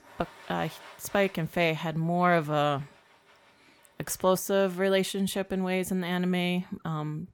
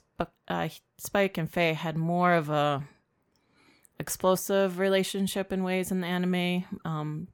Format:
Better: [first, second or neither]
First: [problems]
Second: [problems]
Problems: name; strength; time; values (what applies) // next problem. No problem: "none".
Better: second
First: household noises; faint; throughout; 25 dB below the speech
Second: none